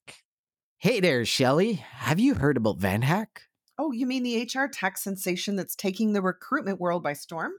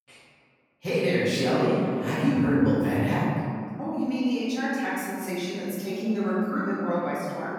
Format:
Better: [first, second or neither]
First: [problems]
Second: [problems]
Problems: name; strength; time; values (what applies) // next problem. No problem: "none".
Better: first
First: none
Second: off-mic speech; far // room echo; strong; dies away in 2.3 s